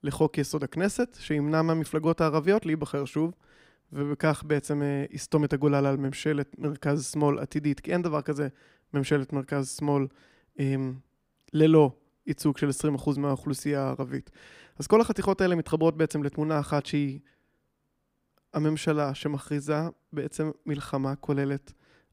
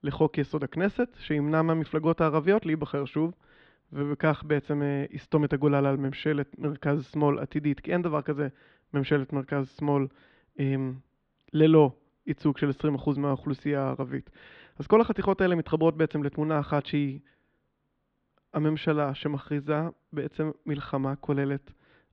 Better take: first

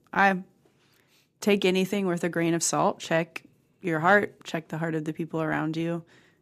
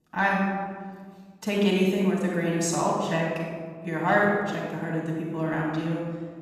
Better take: first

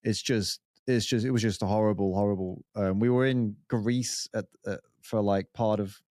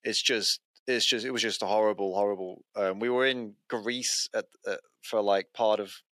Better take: first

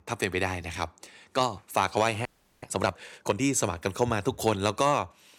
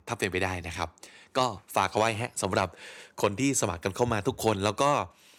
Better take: second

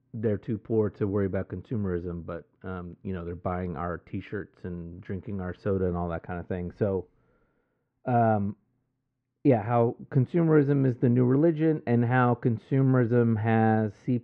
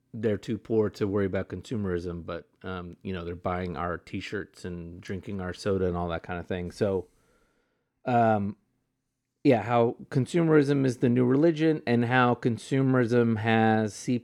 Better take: second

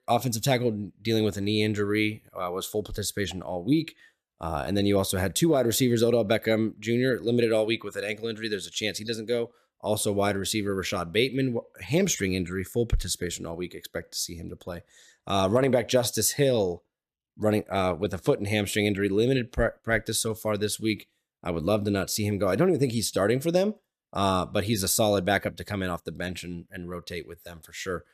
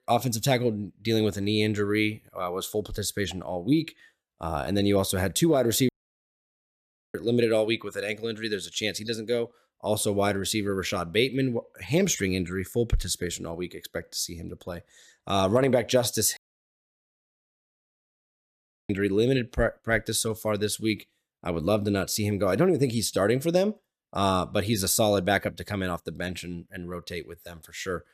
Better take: first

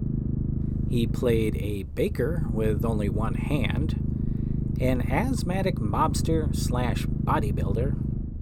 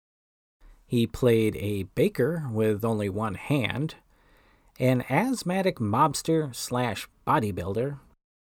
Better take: second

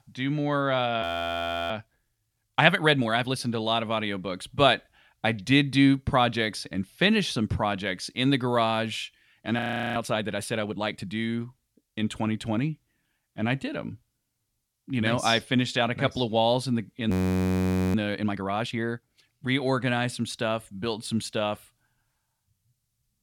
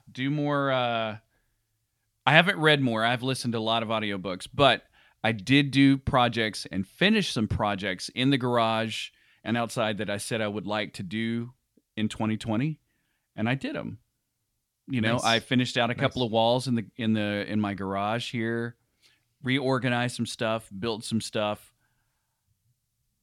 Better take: second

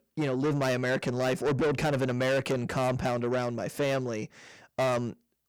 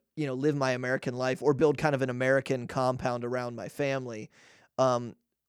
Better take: second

